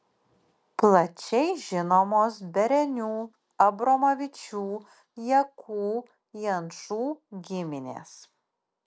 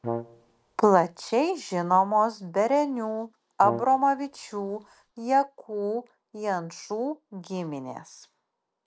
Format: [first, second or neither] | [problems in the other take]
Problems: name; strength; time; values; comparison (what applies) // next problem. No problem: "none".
first | background sound (Brass instrument); 11 dB below the speech